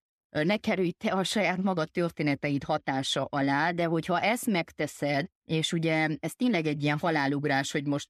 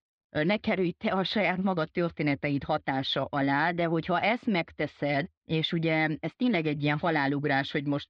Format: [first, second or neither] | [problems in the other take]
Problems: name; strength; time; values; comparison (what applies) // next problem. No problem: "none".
first | muffled; very slightly; fading above 4 kHz